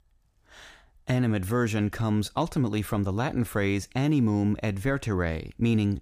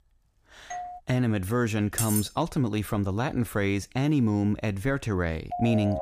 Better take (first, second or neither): first